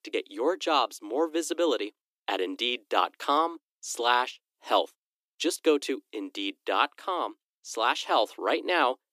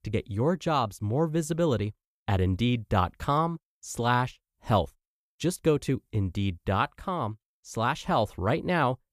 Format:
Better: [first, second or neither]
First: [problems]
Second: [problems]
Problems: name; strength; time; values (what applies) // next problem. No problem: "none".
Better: second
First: thin; somewhat; fading below 300 Hz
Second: none